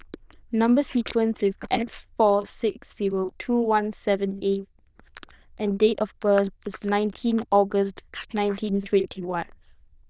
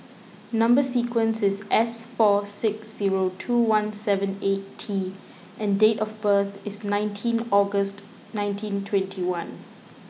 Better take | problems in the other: second | noise reduction (neural diffusion model UNIVERSE++)

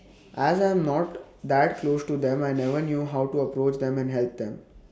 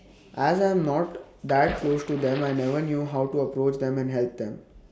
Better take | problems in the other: first | background sound (Splash, splatter); 15 dB below the speech

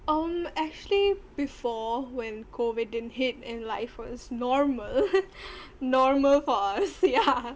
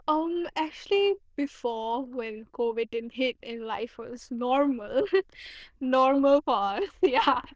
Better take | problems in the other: first | noise reduction (neural diffusion model UNIVERSE++)

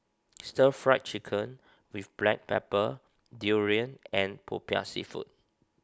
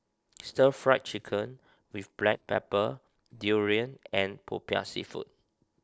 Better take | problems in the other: first | noise reduction (neural separator model SepFormer DNS4)

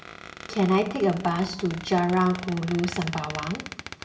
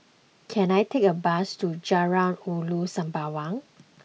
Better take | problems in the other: second | background sound (Squeak); 13 dB below the speech // room echo; dies away in 0.8 s

